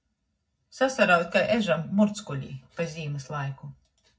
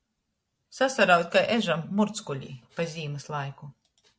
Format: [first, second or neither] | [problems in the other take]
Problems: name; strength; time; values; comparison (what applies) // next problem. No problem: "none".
second | room echo; dies away in 0.4 s